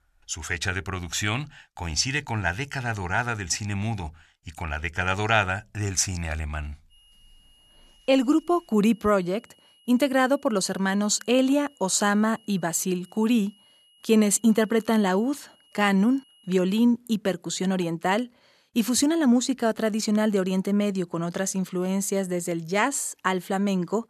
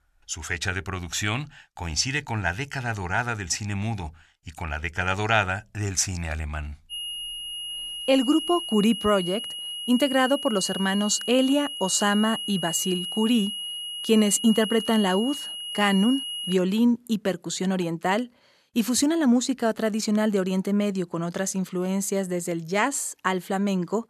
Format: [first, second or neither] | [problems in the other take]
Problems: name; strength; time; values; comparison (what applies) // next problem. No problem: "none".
first | high-pitched whine; loud; from 7 to 17 s; 3 kHz, 6 dB below the speech; faint in the first